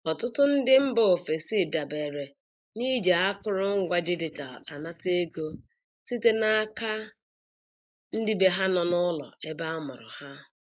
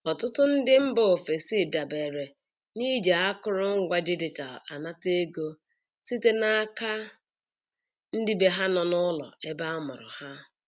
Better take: second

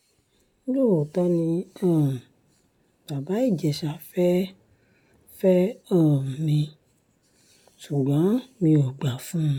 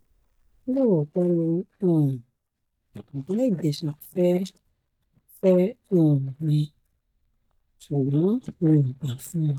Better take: first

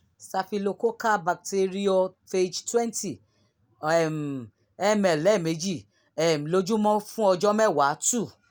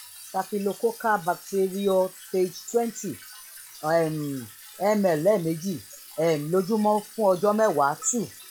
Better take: first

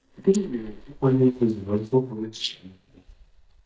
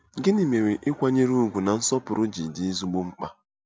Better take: second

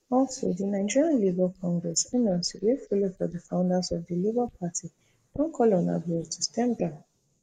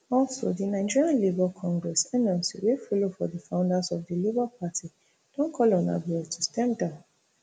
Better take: second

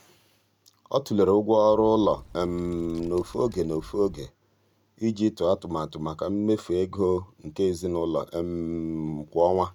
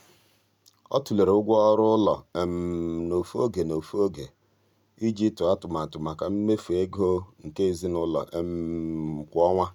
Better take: second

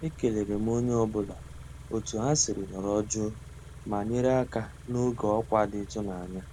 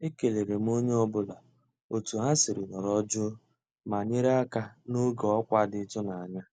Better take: second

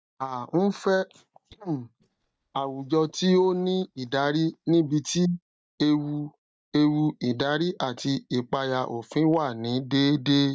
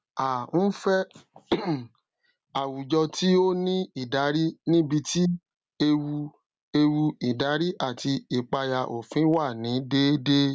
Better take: second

